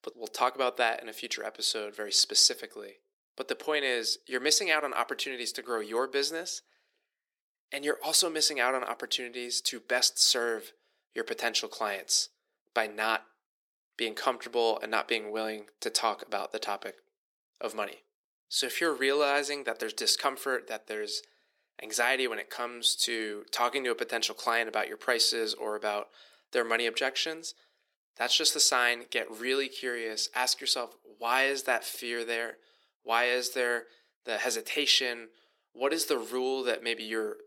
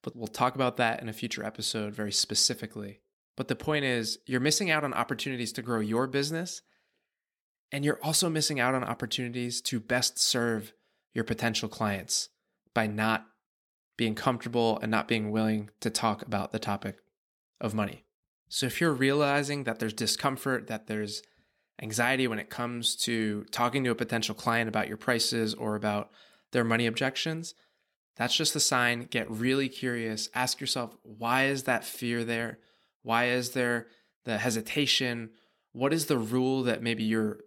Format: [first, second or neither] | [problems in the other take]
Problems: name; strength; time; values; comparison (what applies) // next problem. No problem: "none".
second | thin; somewhat; fading below 400 Hz